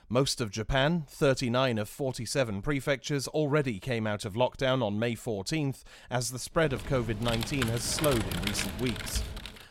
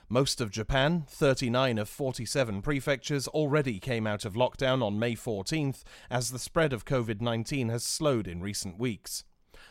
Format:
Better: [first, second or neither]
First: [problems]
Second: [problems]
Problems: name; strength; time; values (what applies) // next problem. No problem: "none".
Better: second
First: keyboard typing; noticeable; from 6.5 s on; peak 2 dB below the speech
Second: none